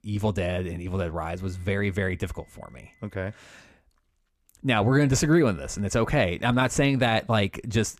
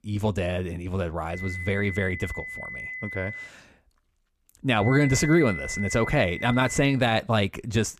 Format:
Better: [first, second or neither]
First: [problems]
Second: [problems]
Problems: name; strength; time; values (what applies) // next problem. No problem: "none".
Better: first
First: high-pitched whine; faint; from 1.5 to 3.5 s and from 5 to 7 s; 2 kHz, 35 dB below the speech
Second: high-pitched whine; loud; from 1.5 to 3.5 s and from 5 to 7 s; 2 kHz, 9 dB below the speech